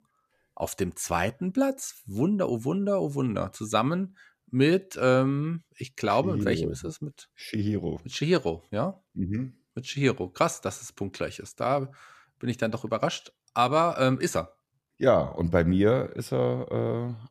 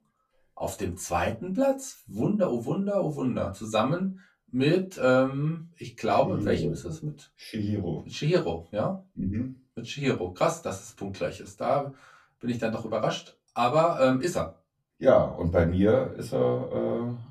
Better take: first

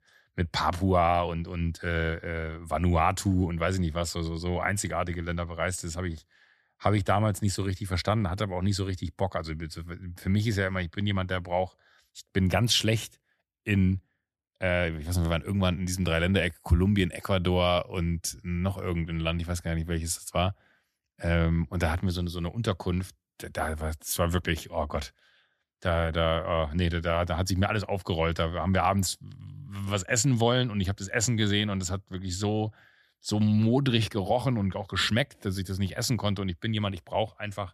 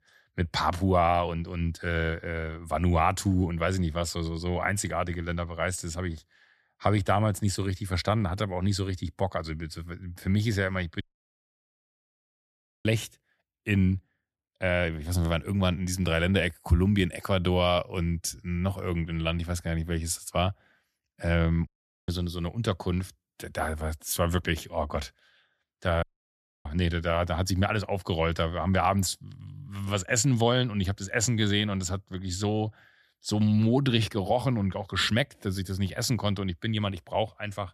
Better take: first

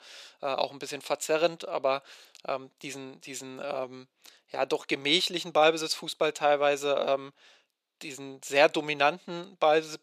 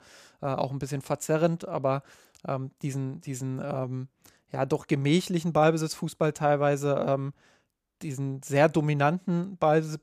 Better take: second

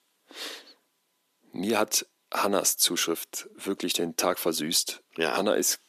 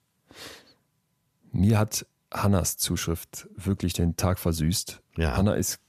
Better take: second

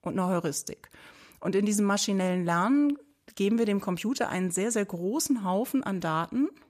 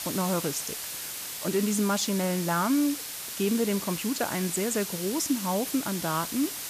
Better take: first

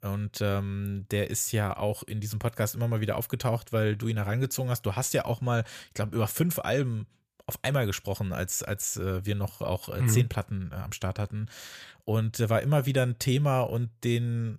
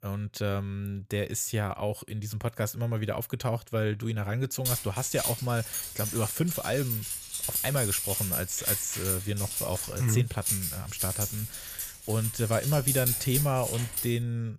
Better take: first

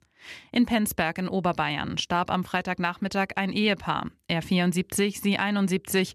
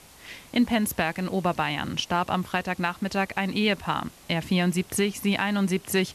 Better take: first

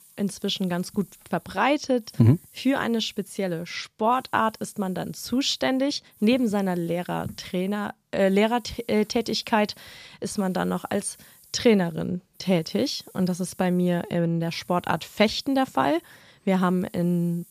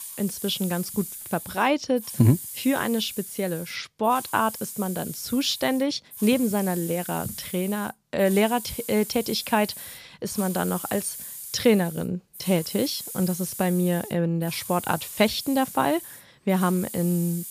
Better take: first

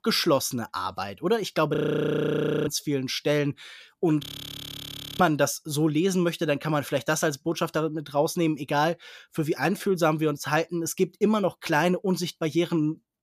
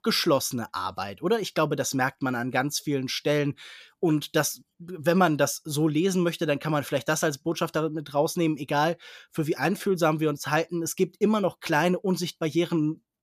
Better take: second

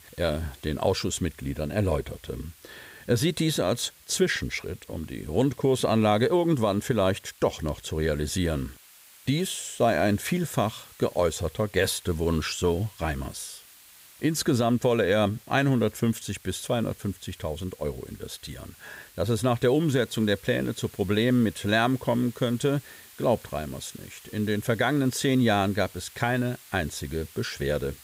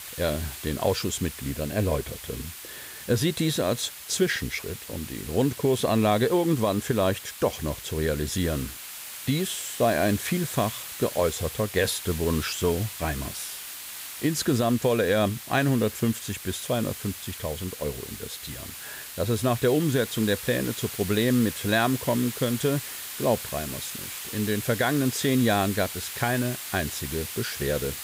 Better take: first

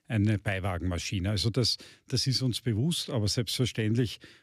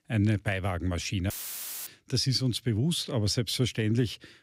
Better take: first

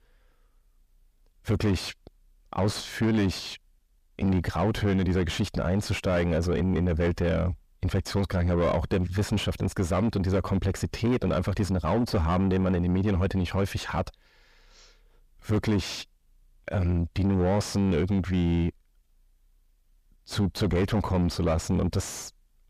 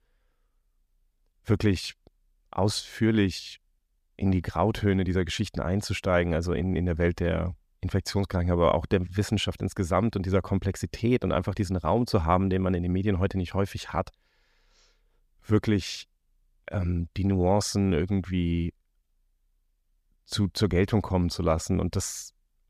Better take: second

